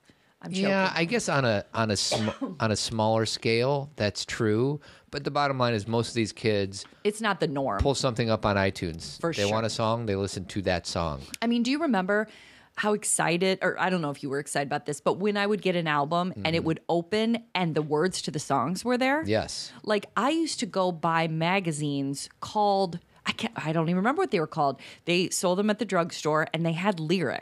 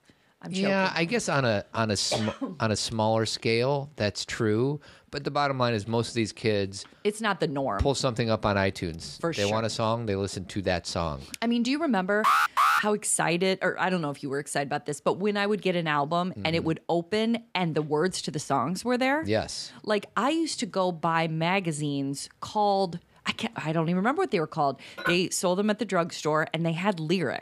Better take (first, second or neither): first